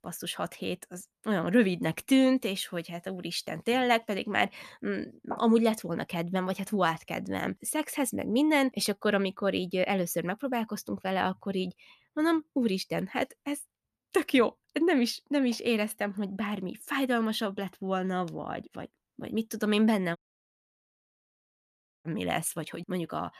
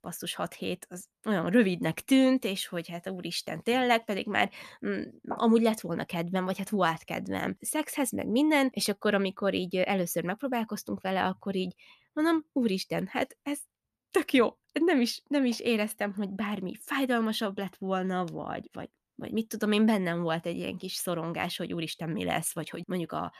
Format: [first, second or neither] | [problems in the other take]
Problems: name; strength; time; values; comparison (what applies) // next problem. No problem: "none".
second | audio cutting out; at 20 s for 2 s